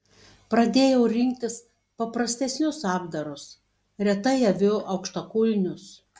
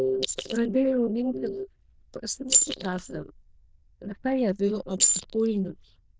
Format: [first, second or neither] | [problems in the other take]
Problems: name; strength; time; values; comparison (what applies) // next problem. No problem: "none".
first | noise reduction (neural diffusion model UNIVERSE++)